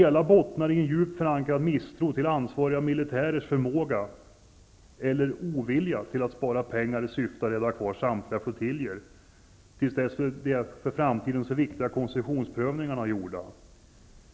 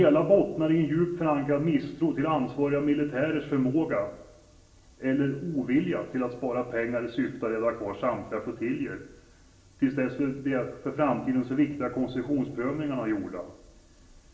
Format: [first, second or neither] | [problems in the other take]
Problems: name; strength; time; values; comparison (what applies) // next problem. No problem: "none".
first | room echo; dies away in 0.7 s